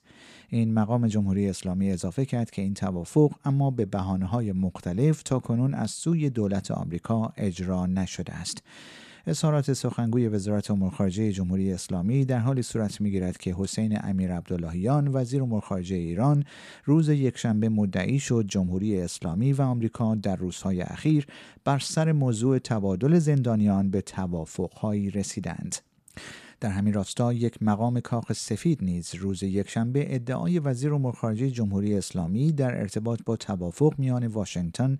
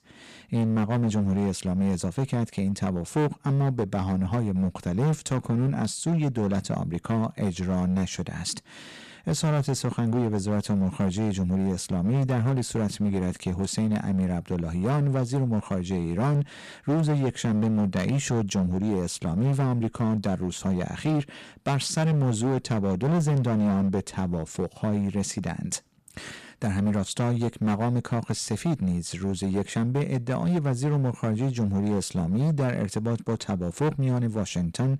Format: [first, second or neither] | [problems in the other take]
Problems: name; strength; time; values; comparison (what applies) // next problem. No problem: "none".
first | distortion; slight; 14% of the sound clipped